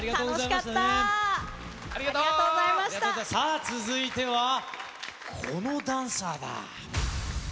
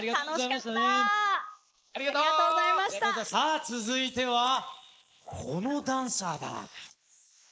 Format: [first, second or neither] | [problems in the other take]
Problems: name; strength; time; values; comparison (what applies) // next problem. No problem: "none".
first | noise reduction (neural mask model Resemble Enhance denoiser)